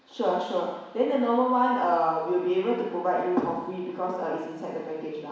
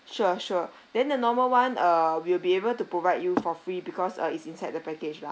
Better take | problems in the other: second | room echo; dies away in 1.1 s

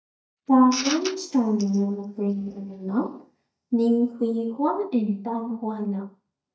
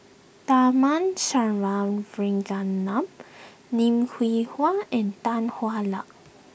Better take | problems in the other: second | noise reduction (neural mask model DeepFilterNet 3)

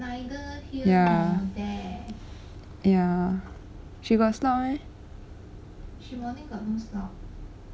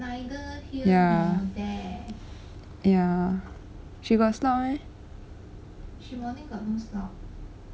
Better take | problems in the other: second | background sound (Bowed string instrument); 15 dB below the speech

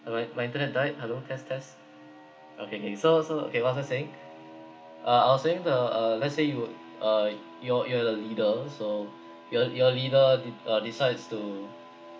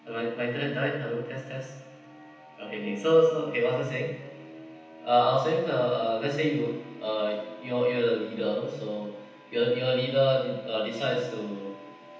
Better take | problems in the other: first | room echo; dies away in 0.9 s

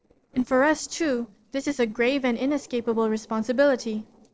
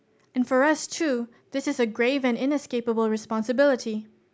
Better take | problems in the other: second | noise reduction (neural separator model SepFormer DNS4)

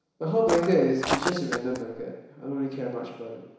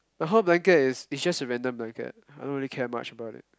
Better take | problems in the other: second | background sound (Walk, footsteps); 4 dB below the speech // room echo; dies away in 1 s

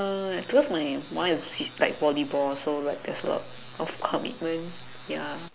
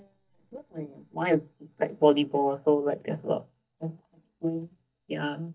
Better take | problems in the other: first | noise reduction (neural mask model DeepFilterNet 3)

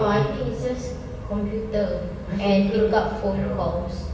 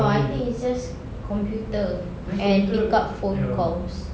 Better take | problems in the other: second | room echo; dies away in 2.3 s

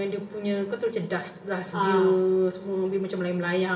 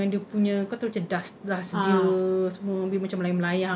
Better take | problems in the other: second | room echo; dies away in 1.3 s

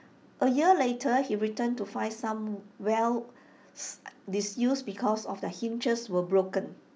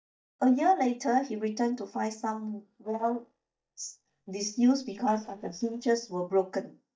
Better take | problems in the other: first | noise reduction (neural mask model DeepFilterNet 3)

